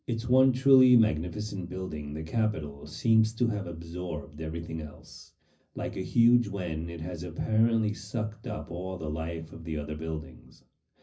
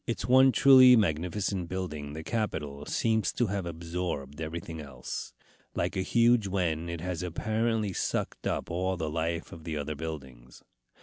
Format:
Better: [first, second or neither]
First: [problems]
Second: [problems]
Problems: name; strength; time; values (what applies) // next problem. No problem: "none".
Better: second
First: room echo; dies away in 0.4 s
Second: none